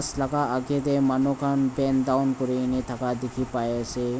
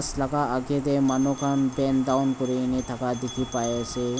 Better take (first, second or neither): first